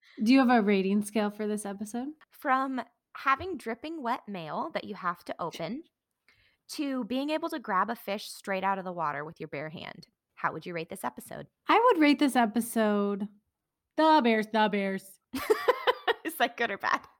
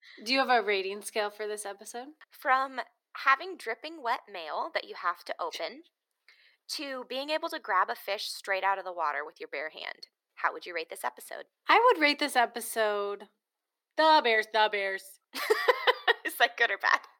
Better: first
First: none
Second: thin; very; fading below 400 Hz

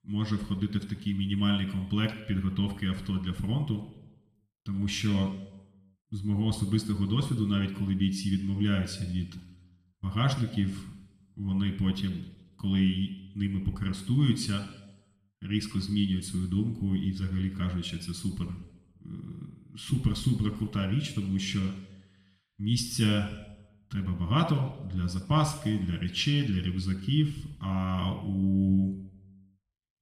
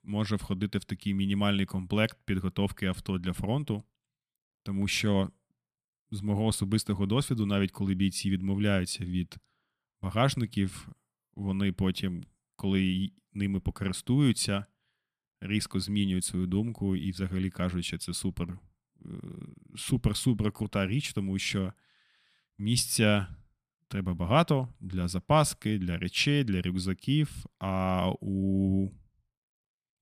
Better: second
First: room echo; noticeable; dies away in 0.8 s // off-mic speech; somewhat distant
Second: none

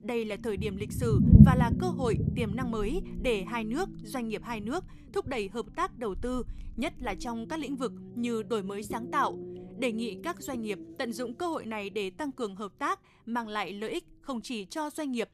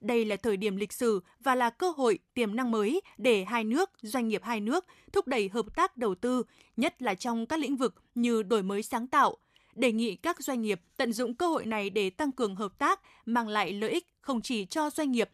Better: second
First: low rumble; loud; throughout; 3 dB below the speech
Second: none

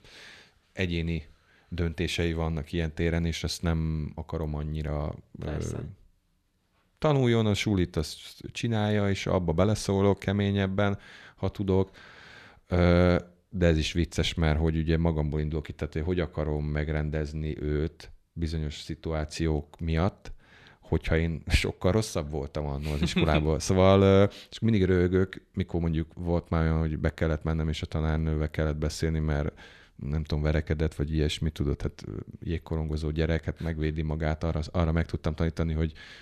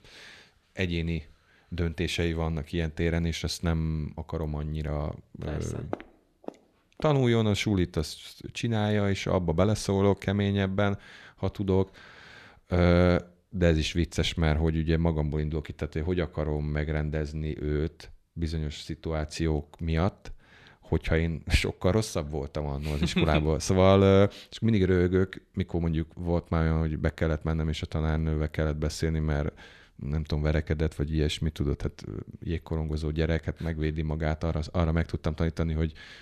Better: first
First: none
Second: footsteps; faint; from 6 to 7 s; peak 10 dB below the speech

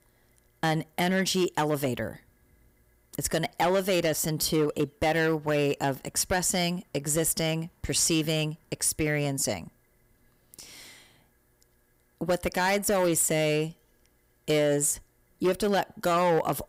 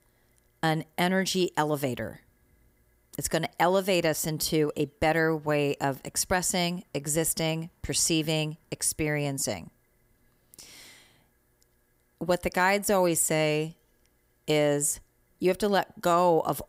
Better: second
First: distortion; slight; 6% of the sound clipped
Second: none

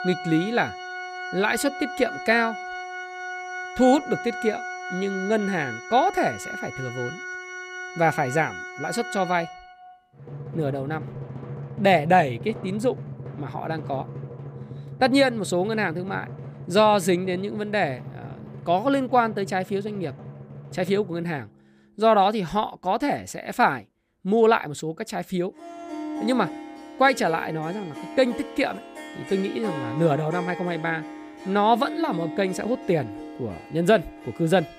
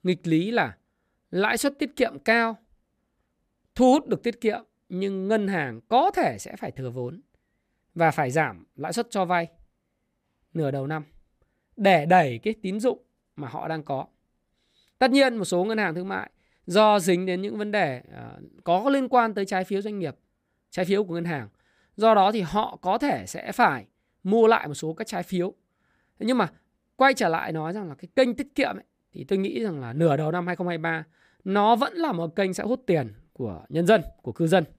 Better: second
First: background music; noticeable; throughout; 10 dB below the speech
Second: none

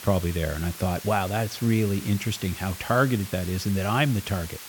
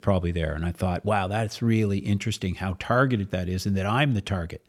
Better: second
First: hiss; noticeable; throughout; 10 dB below the speech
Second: none

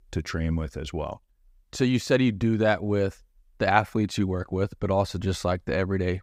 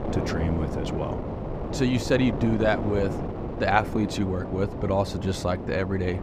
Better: first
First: none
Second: wind noise on the microphone; heavy; 7 dB below the speech

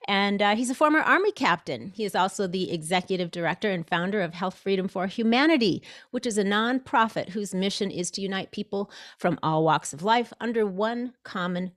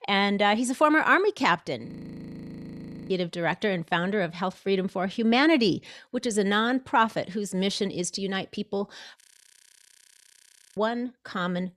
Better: first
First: none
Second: audio freezing; at 2 s for 1 s and at 9 s for 1.5 s

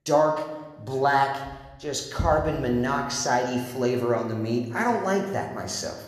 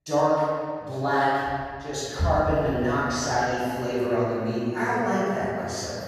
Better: first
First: room echo; slight; dies away in 1 s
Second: room echo; strong; dies away in 2.4 s // off-mic speech; far

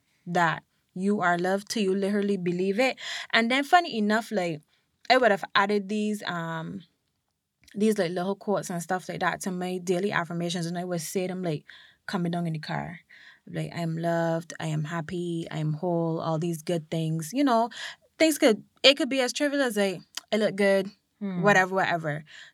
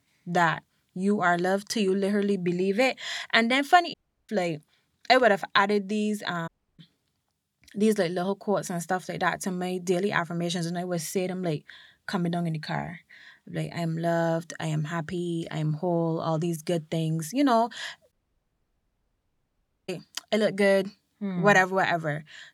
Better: first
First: none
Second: audio cutting out; at 4 s, at 6.5 s and at 18 s for 2 s

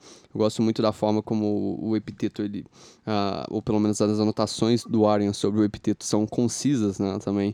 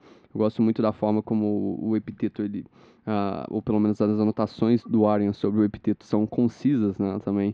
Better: first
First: none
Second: muffled; very; fading above 3 kHz

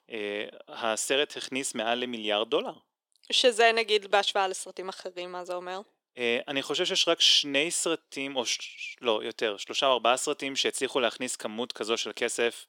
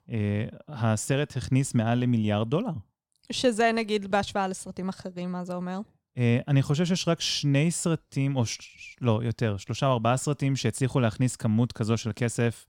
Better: second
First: thin; very; fading below 350 Hz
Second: none

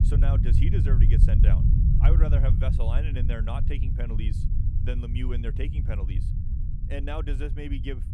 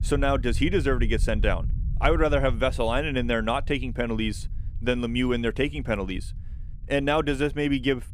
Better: second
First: low rumble; loud; throughout; 2 dB below the speech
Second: low rumble; faint; throughout; 25 dB below the speech

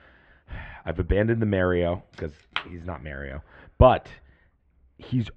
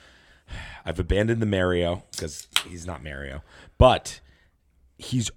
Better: second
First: muffled; very; fading above 2.5 kHz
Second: none

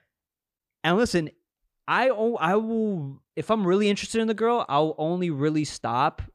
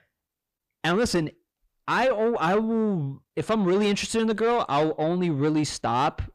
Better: first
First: none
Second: distortion; slight; 10 dB below the speech

